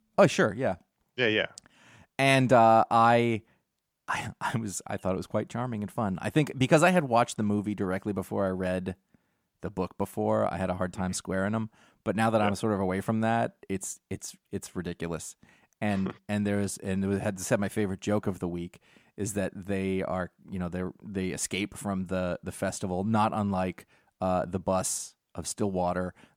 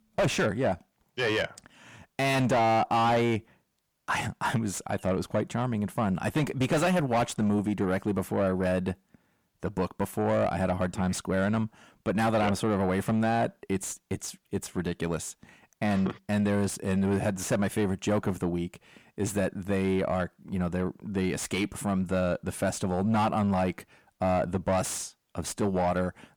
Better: first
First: none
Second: distortion; heavy; 7 dB below the speech

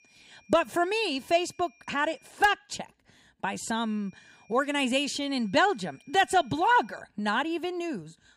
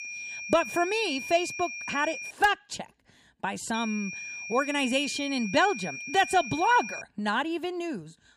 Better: first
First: high-pitched whine; faint; until 2.5 s and from 3.5 to 7 s; 2.5 kHz, 30 dB below the speech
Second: high-pitched whine; loud; until 2.5 s and from 3.5 to 7 s; 2.5 kHz, 8 dB below the speech

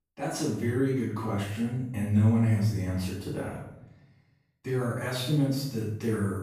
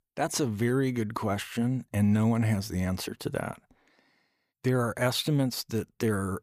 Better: second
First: off-mic speech; far // room echo; noticeable; dies away in 0.8 s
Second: none

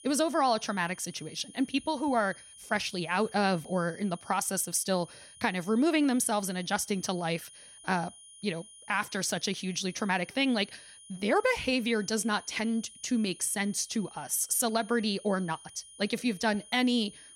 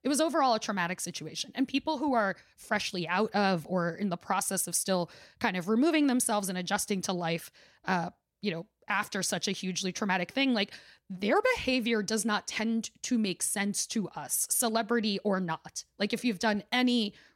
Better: second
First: high-pitched whine; noticeable; throughout; 9.5 kHz, 20 dB below the speech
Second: none

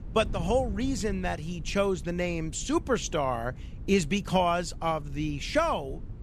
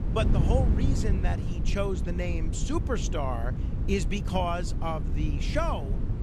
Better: first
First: wind noise on the microphone; occasional gusts; 25 dB below the speech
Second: wind noise on the microphone; heavy; 8 dB below the speech

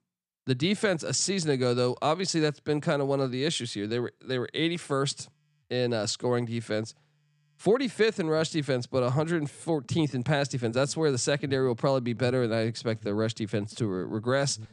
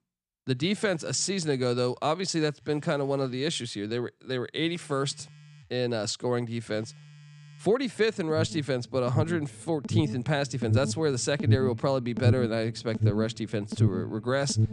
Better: first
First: alarms or sirens; faint; throughout; 20 dB below the speech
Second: alarms or sirens; loud; throughout; 2 dB below the speech

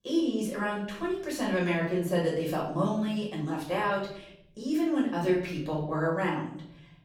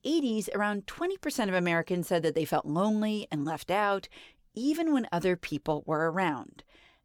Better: second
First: off-mic speech; far // room echo; noticeable; dies away in 0.8 s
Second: none

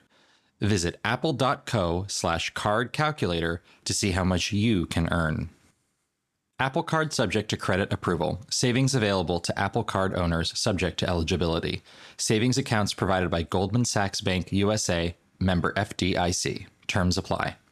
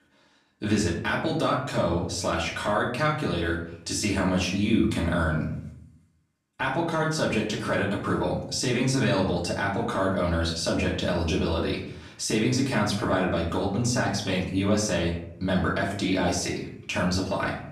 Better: first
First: none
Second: off-mic speech; far // room echo; slight; dies away in 0.6 s

